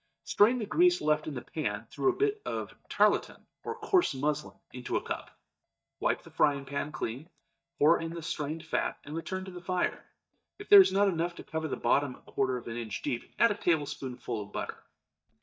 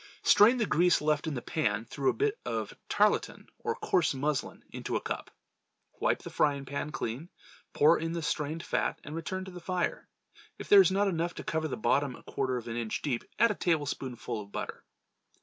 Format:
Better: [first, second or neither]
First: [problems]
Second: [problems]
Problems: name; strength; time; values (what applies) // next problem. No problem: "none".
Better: second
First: noise reduction (neural mask model DeepFilterNet 3)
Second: none